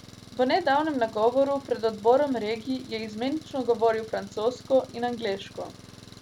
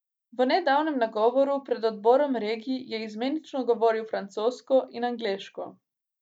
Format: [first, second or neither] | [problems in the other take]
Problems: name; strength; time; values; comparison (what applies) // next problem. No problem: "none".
second | background sound (Engine); 20 dB below the speech